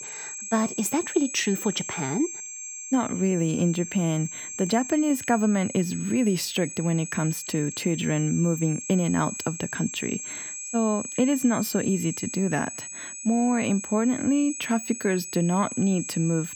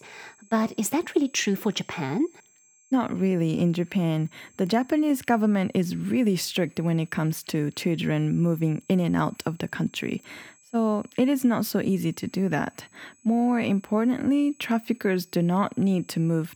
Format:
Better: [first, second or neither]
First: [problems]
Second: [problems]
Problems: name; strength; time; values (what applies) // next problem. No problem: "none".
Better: second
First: high-pitched whine; loud; throughout; 7.5 kHz, 8 dB below the speech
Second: high-pitched whine; faint; throughout; 7.5 kHz, 30 dB below the speech